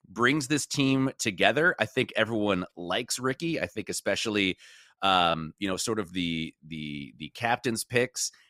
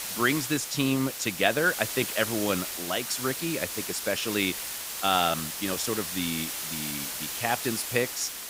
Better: first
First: none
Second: hiss; loud; throughout; 4 dB below the speech

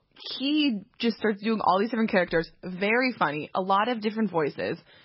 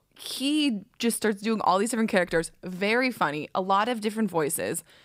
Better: second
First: garbled, watery; badly; nothing above 5.5 kHz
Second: none

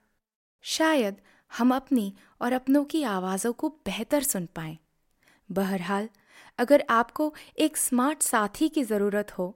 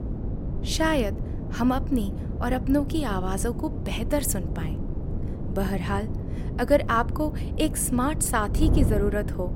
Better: first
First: none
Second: wind noise on the microphone; occasional gusts; 10 dB below the speech

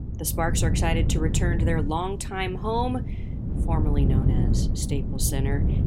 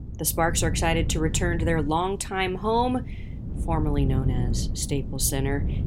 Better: second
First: wind noise on the microphone; heavy; 7 dB below the speech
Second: wind noise on the microphone; occasional gusts; 15 dB below the speech

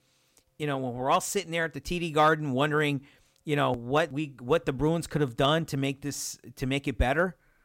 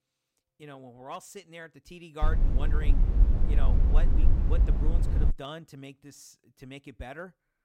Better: first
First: none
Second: low rumble; loud; from 2 to 5.5 s; 2 dB below the speech

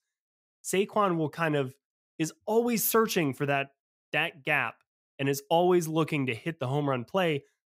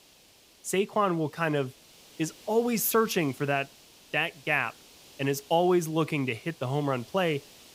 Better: first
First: none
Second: hiss; faint; throughout; 25 dB below the speech

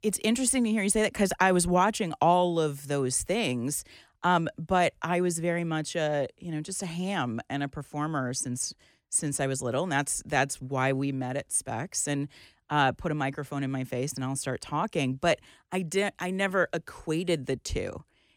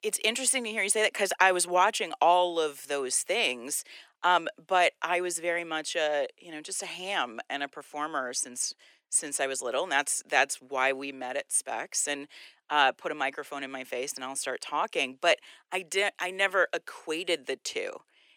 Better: first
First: none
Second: thin; very; fading below 400 Hz

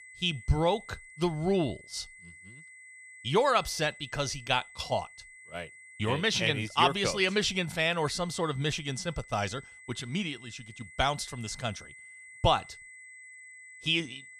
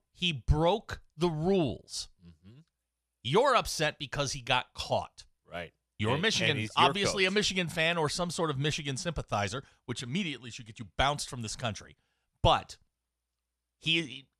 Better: second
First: high-pitched whine; noticeable; throughout; 2 kHz, 20 dB below the speech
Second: none

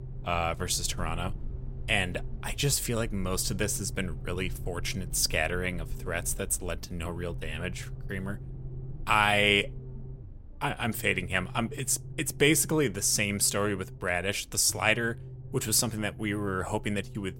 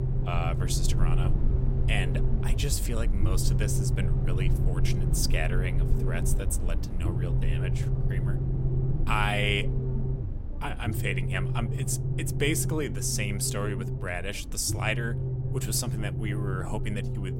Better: first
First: low rumble; faint; throughout; 25 dB below the speech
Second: low rumble; loud; throughout; 7 dB below the speech

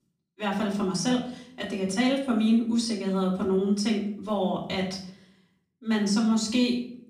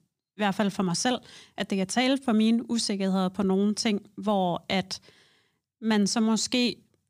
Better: second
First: off-mic speech; far // room echo; slight; dies away in 0.5 s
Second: none

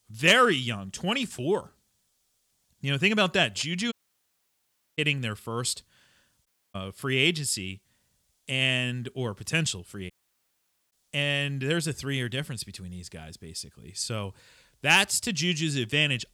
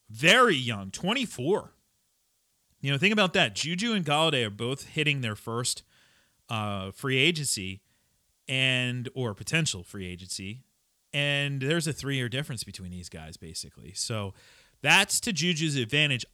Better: second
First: audio cutting out; at 4 s for 1 s, at 6.5 s and at 10 s for 1 s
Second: none

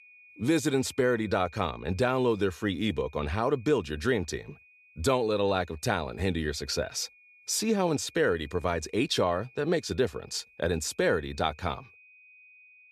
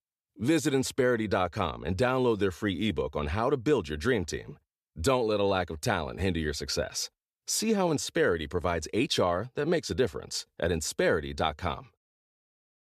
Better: second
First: high-pitched whine; faint; throughout; 2.5 kHz, 25 dB below the speech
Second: none

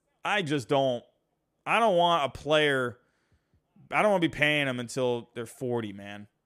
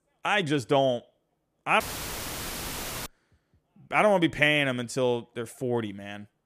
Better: first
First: none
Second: audio cutting out; filled with static; at 2 s for 1.5 s

